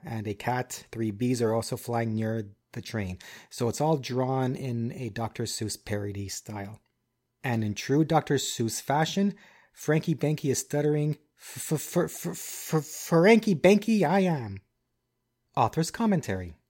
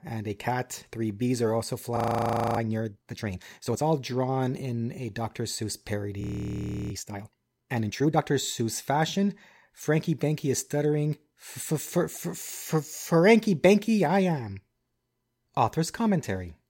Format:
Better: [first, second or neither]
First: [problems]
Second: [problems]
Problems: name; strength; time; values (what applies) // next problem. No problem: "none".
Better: first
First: none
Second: audio freezing; at 2 s for 0.5 s and at 6 s for 0.5 s